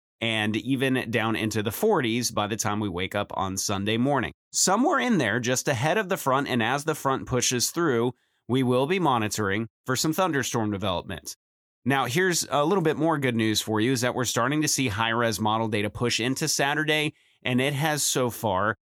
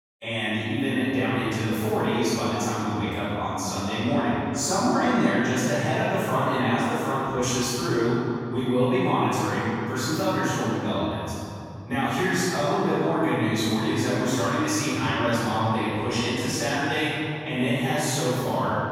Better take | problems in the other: first | off-mic speech; far // room echo; strong; dies away in 3 s

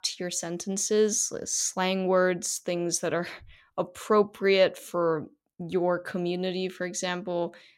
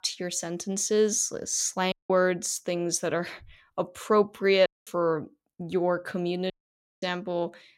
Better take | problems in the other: first | audio cutting out; at 2 s, at 4.5 s and at 6.5 s for 0.5 s

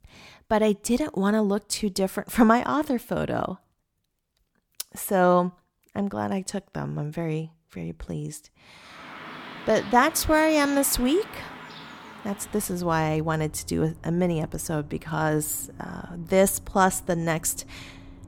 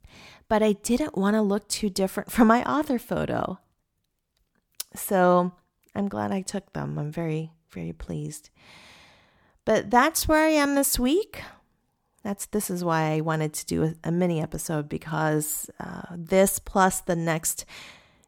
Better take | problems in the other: second | traffic noise; noticeable; from 9 s on; 20 dB below the speech

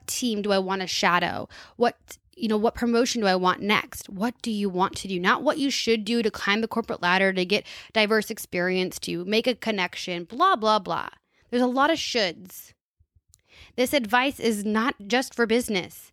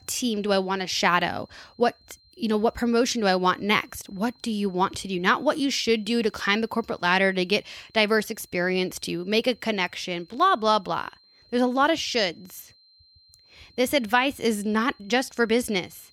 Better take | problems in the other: first | high-pitched whine; faint; throughout; 4 kHz, 30 dB below the speech

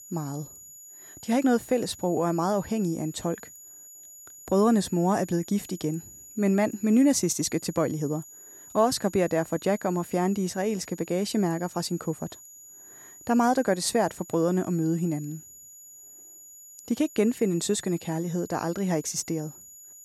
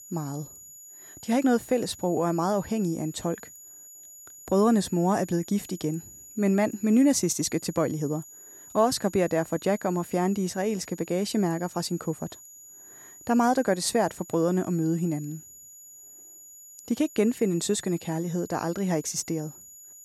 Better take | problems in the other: neither | high-pitched whine; noticeable; throughout; 7 kHz, 20 dB below the speech; the same in both

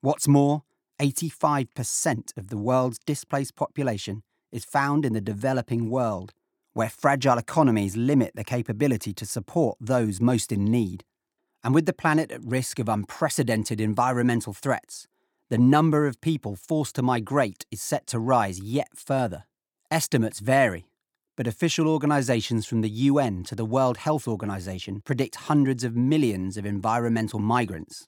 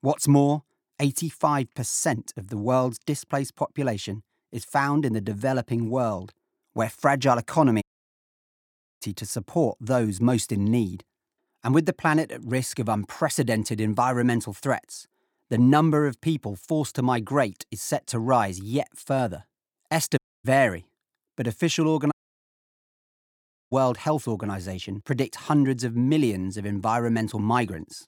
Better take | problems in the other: first | audio cutting out; at 8 s for 1 s, at 20 s and at 22 s for 1.5 s

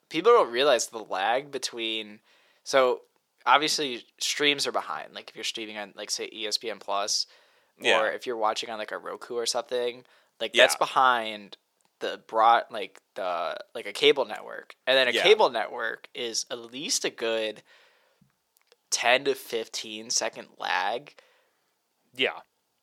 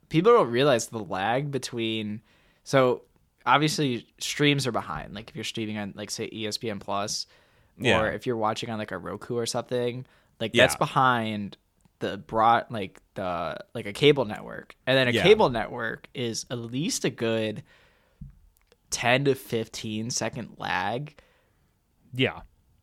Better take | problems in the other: second | thin; somewhat; fading below 500 Hz

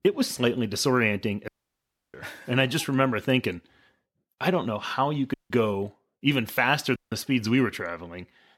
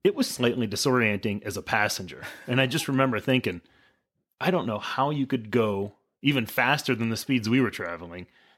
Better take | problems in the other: second | audio cutting out; at 1.5 s for 0.5 s, at 5.5 s and at 7 s

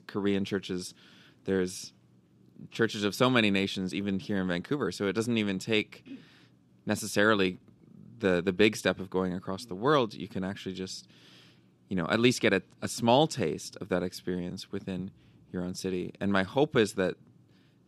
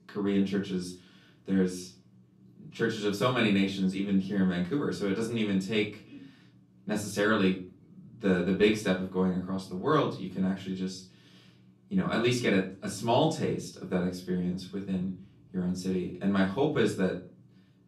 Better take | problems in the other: first | off-mic speech; far // room echo; slight; dies away in 0.3 s

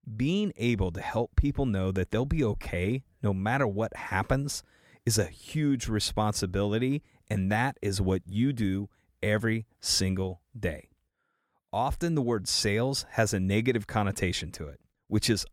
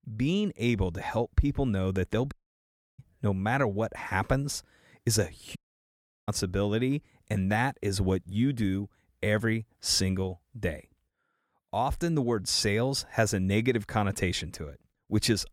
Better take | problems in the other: first | audio cutting out; at 2.5 s for 0.5 s and at 5.5 s for 0.5 s

